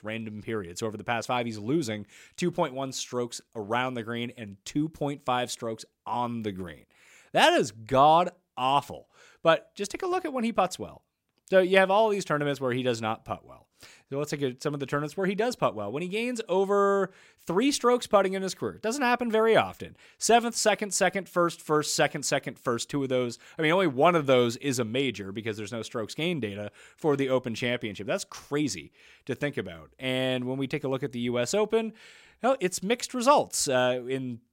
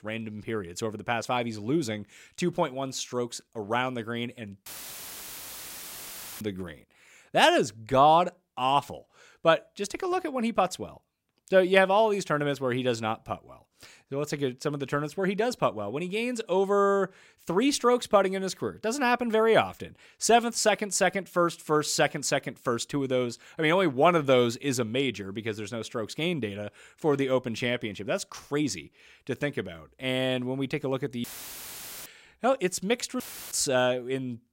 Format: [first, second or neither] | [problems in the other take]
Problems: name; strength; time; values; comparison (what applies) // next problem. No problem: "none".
first | audio cutting out; filled with static; at 4.5 s for 2 s, at 31 s for 1 s and at 33 s